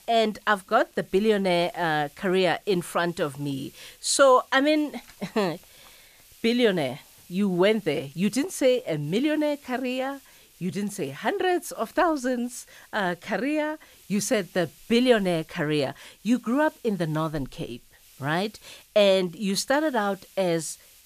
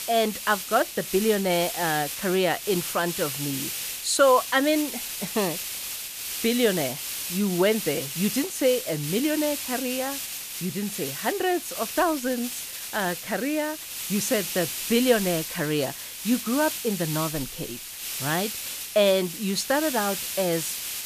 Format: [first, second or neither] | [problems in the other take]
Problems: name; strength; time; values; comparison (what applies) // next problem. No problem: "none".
first | hiss; loud; throughout; 5 dB below the speech; faint in the first